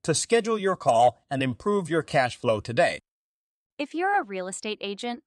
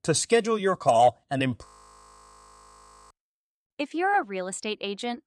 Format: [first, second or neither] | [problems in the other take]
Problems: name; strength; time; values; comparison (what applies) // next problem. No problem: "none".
first | audio freezing; at 1.5 s for 1.5 s